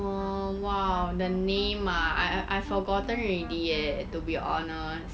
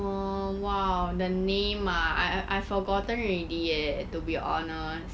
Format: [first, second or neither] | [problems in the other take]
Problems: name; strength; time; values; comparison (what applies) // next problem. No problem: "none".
second | background sound (Wind instrument, woodwind instrument); 16 dB below the speech